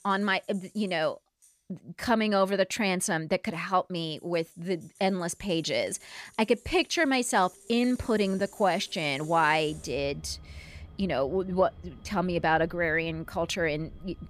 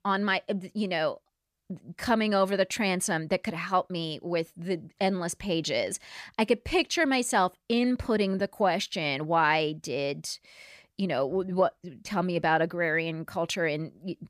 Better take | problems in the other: second | traffic noise; faint; throughout; 20 dB below the speech

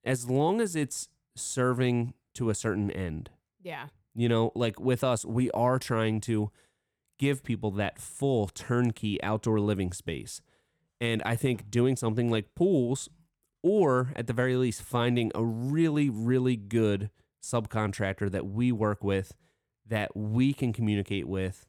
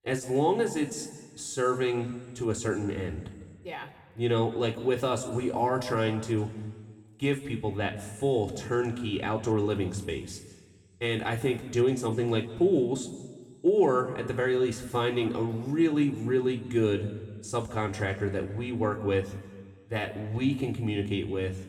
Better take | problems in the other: first | room echo; slight; dies away in 1.3 s // off-mic speech; somewhat distant

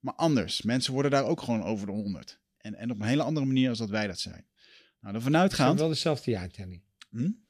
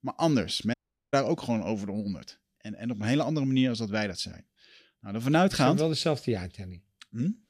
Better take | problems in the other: first | audio cutting out; at 0.5 s

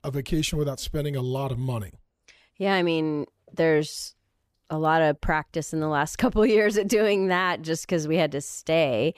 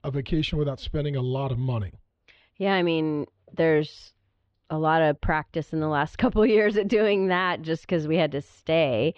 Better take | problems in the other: first | muffled; slightly; fading above 3.5 kHz

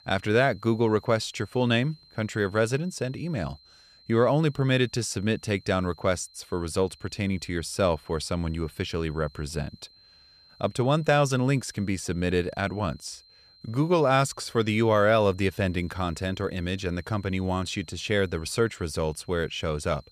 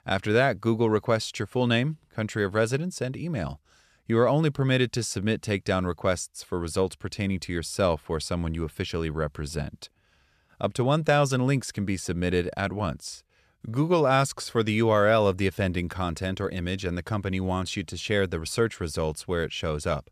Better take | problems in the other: second | high-pitched whine; faint; throughout; 4 kHz, 25 dB below the speech

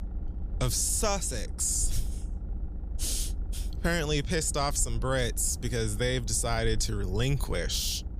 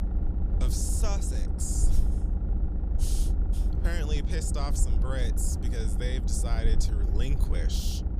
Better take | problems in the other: first | low rumble; loud; throughout; 6 dB below the speech; faint in the first

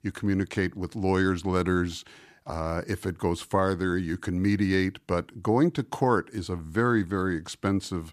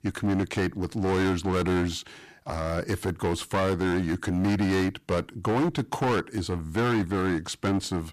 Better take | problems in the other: first | distortion; heavy; 15% of the sound clipped

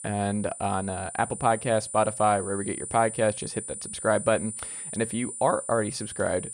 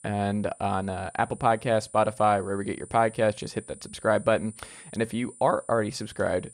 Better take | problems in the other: second | high-pitched whine; loud; throughout; 9 kHz, 8 dB below the speech; faint in the second

